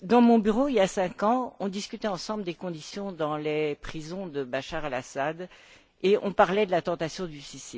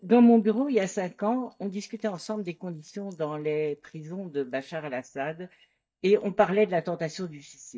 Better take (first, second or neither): first